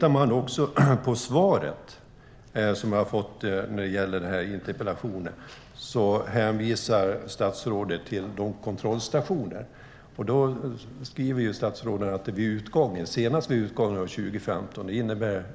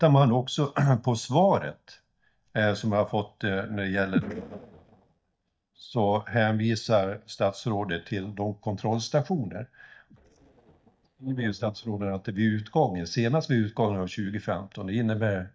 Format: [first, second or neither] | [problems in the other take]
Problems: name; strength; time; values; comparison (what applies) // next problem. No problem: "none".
first | noise reduction (neural mask model DeepFilterNet 3)